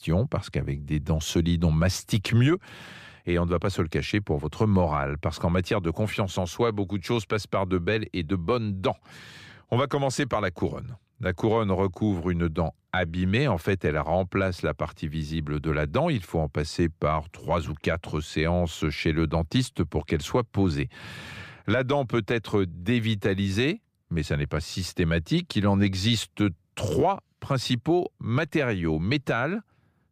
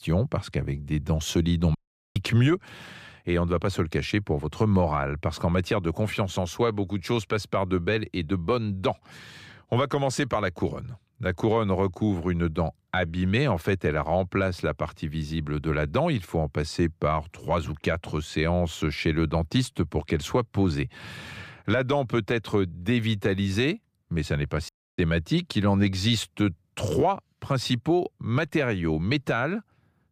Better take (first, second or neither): first